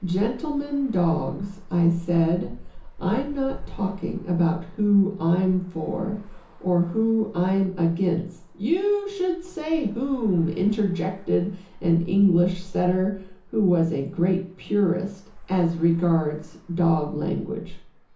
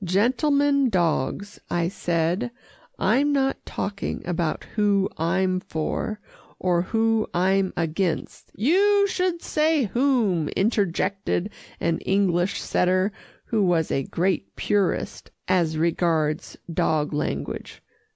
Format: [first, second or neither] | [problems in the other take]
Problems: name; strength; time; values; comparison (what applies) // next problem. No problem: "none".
second | background sound (Traffic noise, roadway noise); 17 dB below the speech // room echo; dies away in 0.7 s